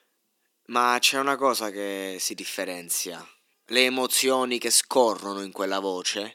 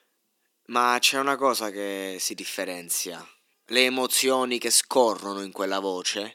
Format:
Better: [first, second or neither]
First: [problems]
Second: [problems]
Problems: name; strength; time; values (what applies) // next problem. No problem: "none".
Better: neither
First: thin; somewhat; fading below 300 Hz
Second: thin; somewhat; fading below 300 Hz